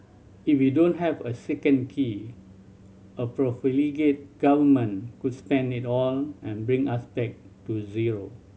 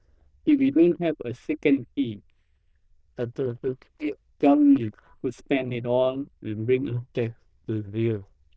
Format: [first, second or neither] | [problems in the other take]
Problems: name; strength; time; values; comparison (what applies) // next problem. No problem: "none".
first | noise reduction (neural diffusion model UNIVERSE++)